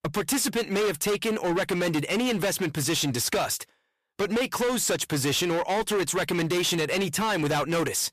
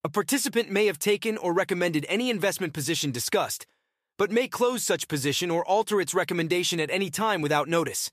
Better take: second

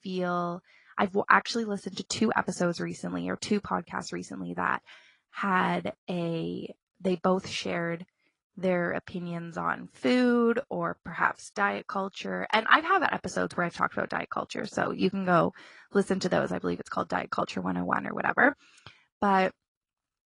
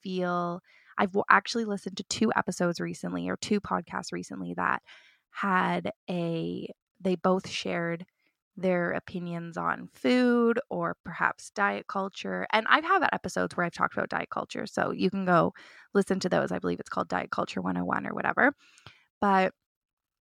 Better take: second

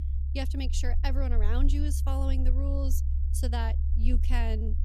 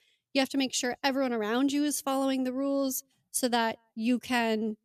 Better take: second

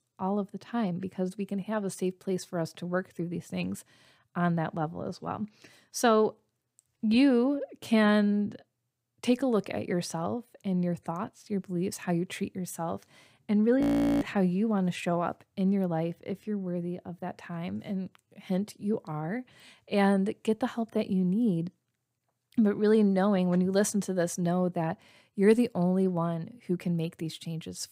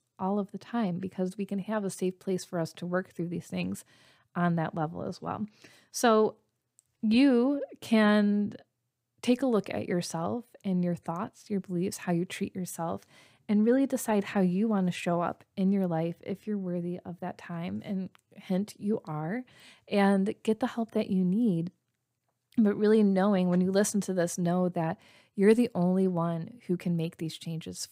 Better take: second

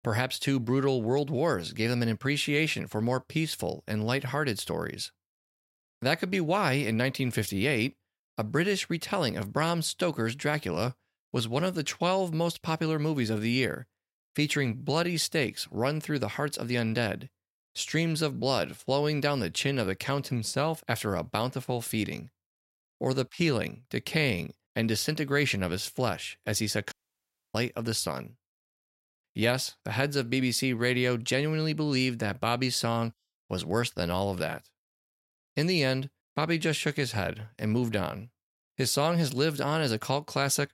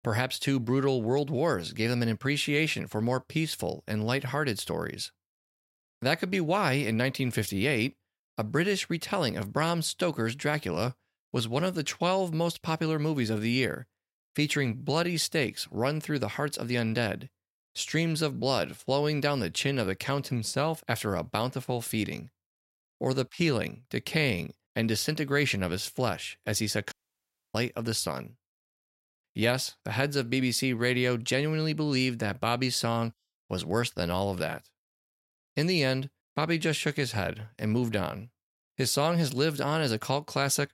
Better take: neither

